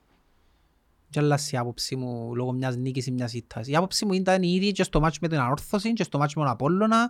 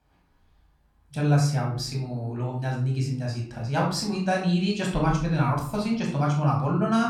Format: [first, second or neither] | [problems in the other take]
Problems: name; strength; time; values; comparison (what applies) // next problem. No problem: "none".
first | room echo; noticeable; dies away in 0.5 s // off-mic speech; somewhat distant